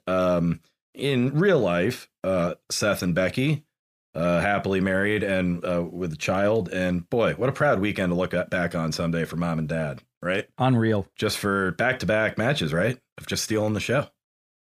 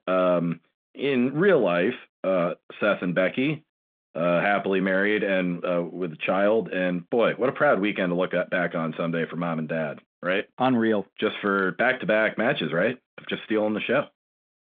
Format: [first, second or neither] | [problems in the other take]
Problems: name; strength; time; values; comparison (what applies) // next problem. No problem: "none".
first | phone-call audio; nothing above 3.5 kHz